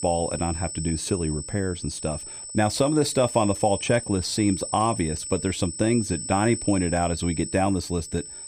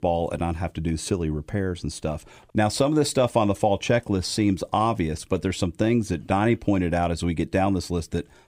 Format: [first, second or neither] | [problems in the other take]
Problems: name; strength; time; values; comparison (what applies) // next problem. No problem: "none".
second | high-pitched whine; loud; throughout; 8 kHz, 8 dB below the speech